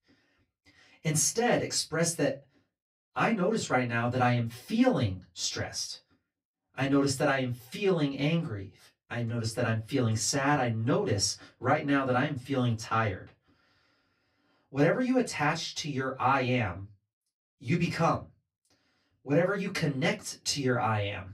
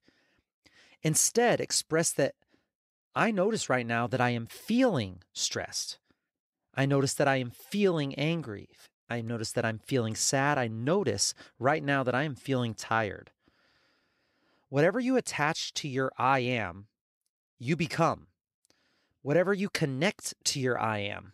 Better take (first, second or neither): second